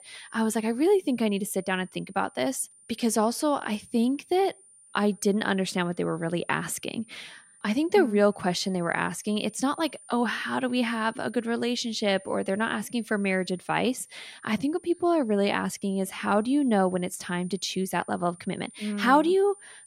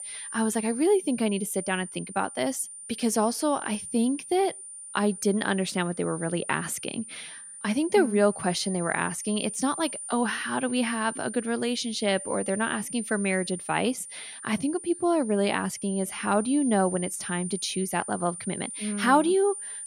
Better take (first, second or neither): first